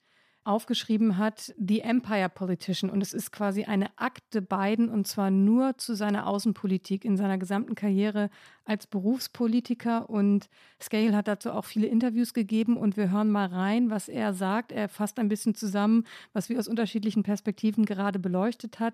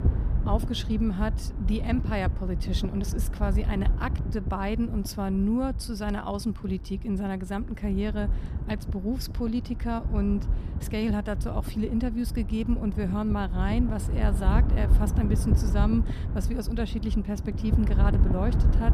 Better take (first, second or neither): first